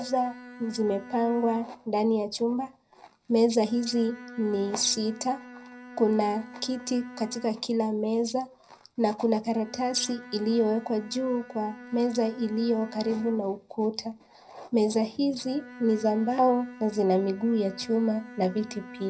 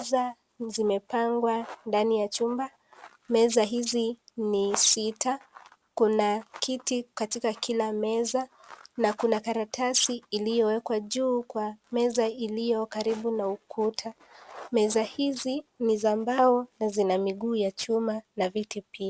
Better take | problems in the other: second | background sound (Bowed string instrument); 18 dB below the speech // room echo; dies away in 0.3 s

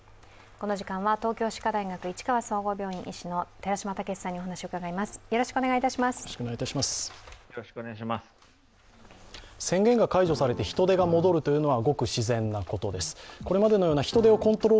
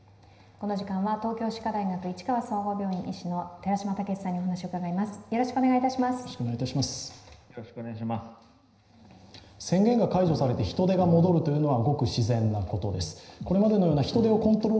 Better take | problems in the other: first | room echo; dies away in 0.9 s

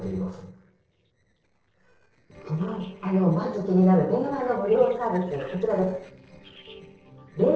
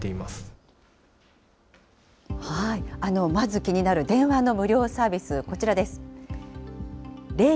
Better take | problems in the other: second | noise reduction (neural separator model SepFormer DNS4)

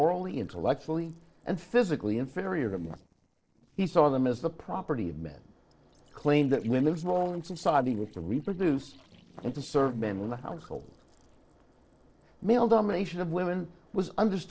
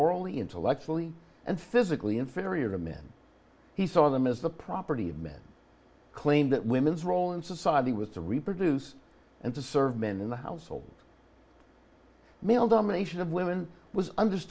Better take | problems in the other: second | noise reduction (neural separator model SepFormer DNS4)

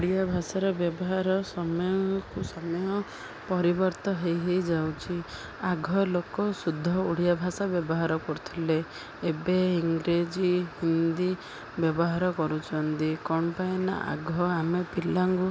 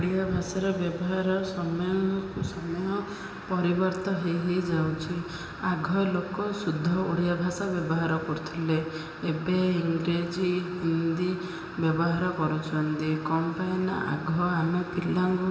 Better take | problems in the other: first | room echo; dies away in 2.9 s

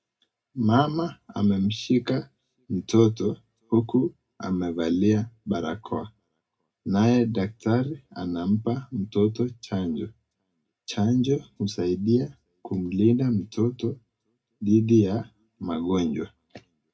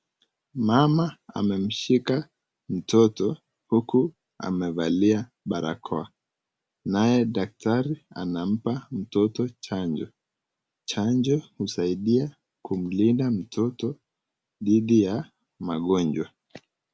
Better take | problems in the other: second | room echo; dies away in 0.2 s

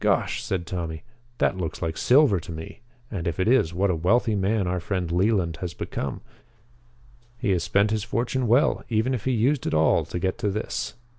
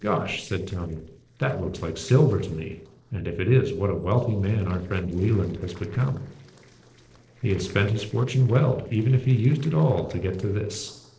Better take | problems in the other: first | noise reduction (neural separator model SepFormer DNS4)

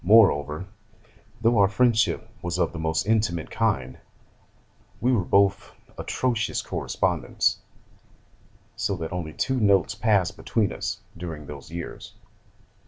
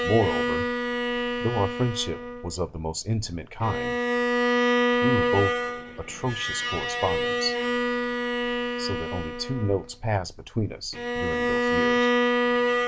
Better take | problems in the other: first | background sound (Bowed string instrument); 4 dB above the speech

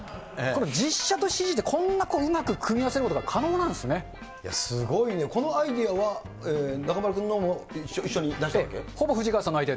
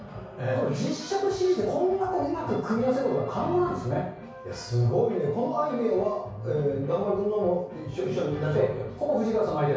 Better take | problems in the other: first | room echo; dies away in 0.6 s

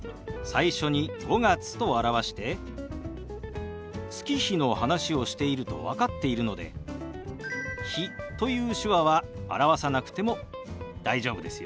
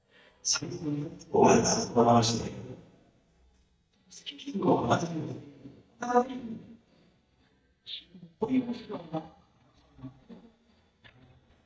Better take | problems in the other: first | noise reduction (neural mask model DeepFilterNet 3)

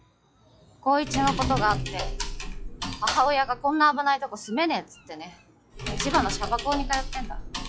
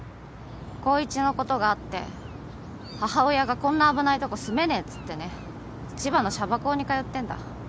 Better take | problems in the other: second | noise reduction (classical method log-MMSE)

